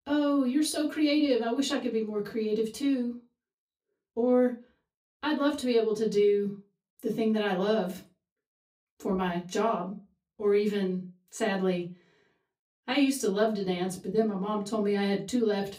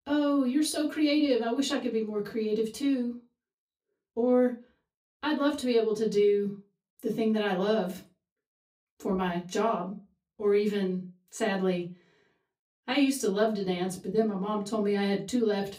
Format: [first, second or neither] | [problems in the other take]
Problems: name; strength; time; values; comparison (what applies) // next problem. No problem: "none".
neither | off-mic speech; far; the same in both // room echo; very slight; dies away in 0.2 s; the same in both